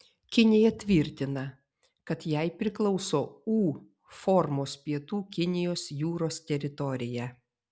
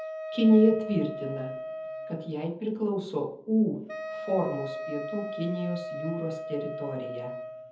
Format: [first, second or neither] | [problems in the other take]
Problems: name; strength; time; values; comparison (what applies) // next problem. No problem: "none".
first | background sound (Wind instrument, woodwind instrument); 9 dB below the speech // room echo; dies away in 0.7 s